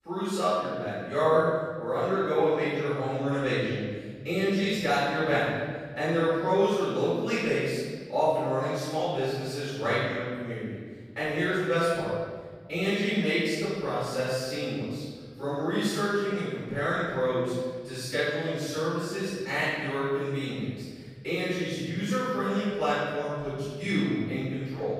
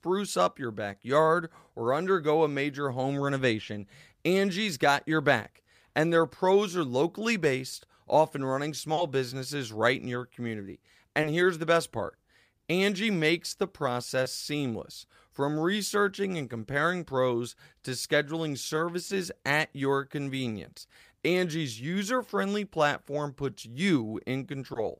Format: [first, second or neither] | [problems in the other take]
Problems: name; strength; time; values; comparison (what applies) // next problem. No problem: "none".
second | off-mic speech; far // room echo; strong; dies away in 1.6 s